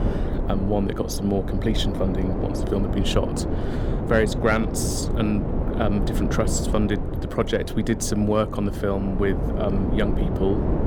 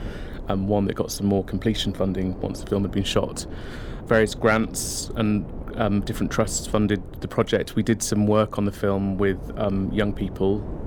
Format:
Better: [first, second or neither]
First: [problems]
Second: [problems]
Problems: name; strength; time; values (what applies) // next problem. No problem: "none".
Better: second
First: wind noise on the microphone; heavy; 5 dB below the speech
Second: wind noise on the microphone; occasional gusts; 15 dB below the speech